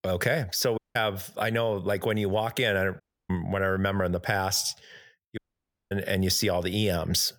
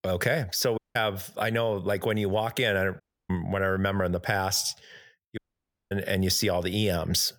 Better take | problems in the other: neither | audio cutting out; at 1 s, at 3 s and at 5.5 s for 0.5 s; the same in both

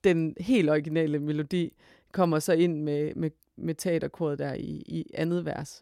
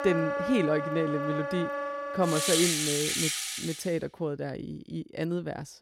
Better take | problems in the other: first | background music; very loud; until 3.5 s; 1 dB above the speech

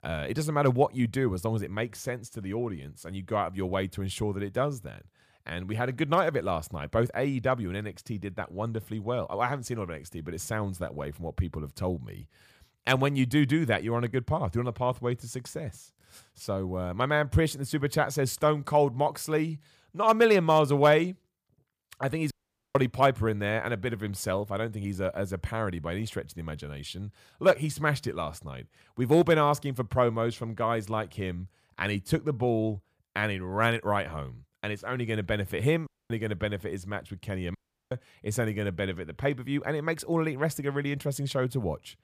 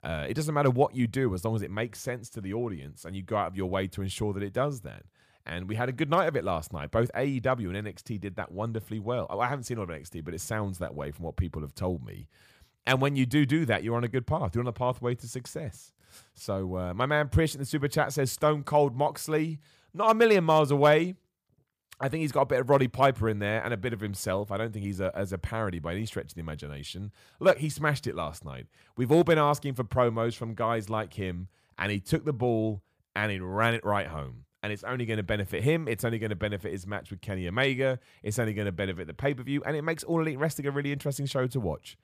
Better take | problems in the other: second | audio cutting out; at 22 s, at 36 s and at 38 s

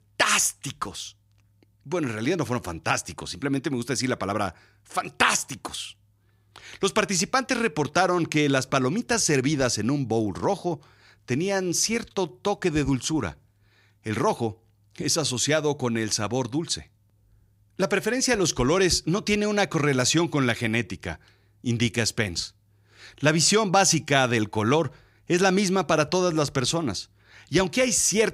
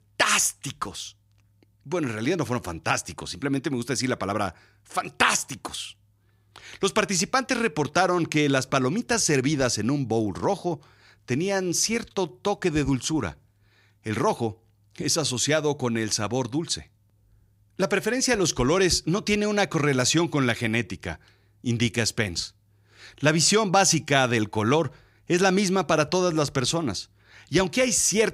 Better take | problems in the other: neither | none

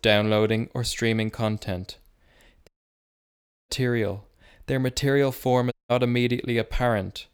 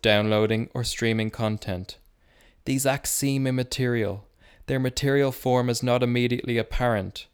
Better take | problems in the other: second | audio cutting out; at 2.5 s for 1 s and at 5.5 s

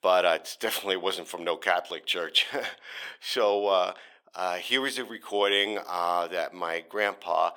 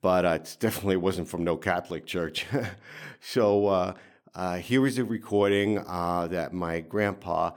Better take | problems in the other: second | thin; very; fading below 650 Hz

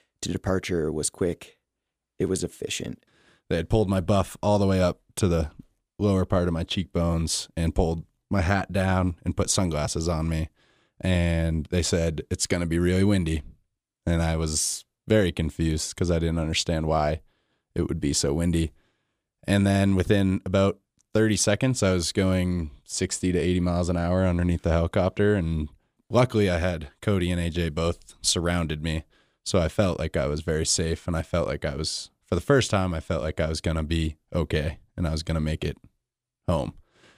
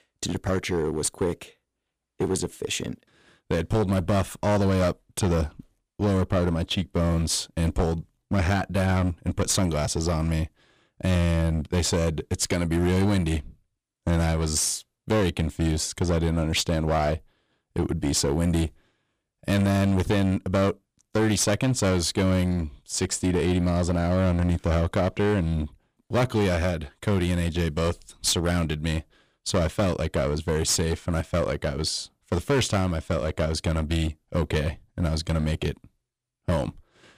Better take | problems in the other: first | distortion; slight; 10% of the sound clipped

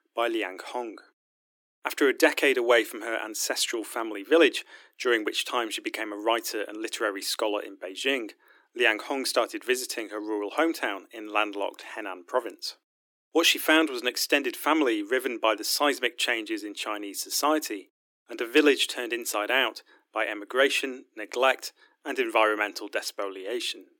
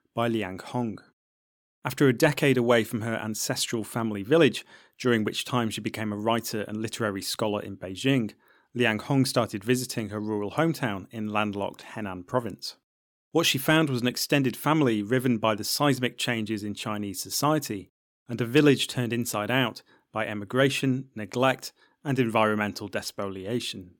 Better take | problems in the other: second | thin; somewhat; fading below 300 Hz

